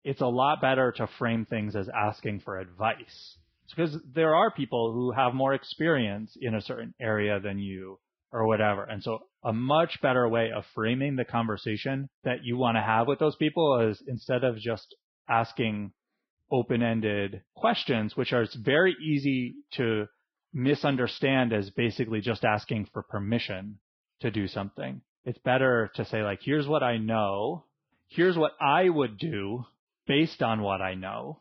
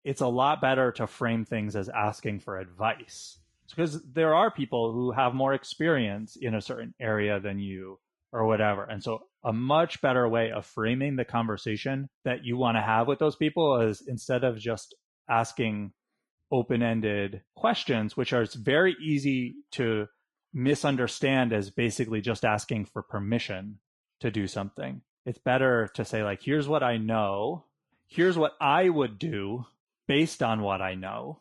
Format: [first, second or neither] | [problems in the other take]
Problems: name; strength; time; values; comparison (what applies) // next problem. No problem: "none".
second | garbled, watery; badly; nothing above 5.5 kHz; slightly in the second